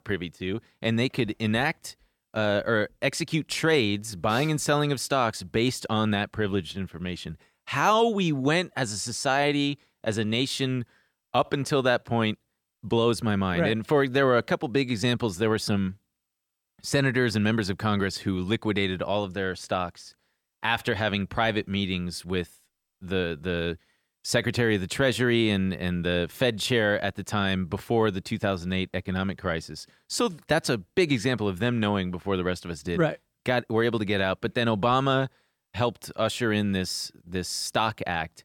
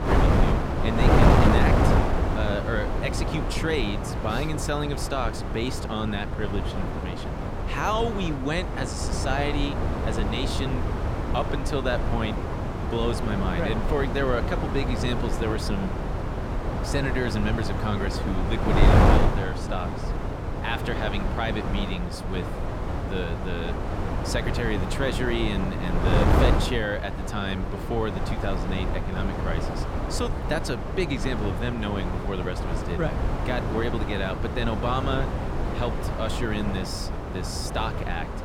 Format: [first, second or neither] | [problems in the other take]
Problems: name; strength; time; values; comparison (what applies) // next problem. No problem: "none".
first | wind noise on the microphone; heavy; as loud as the speech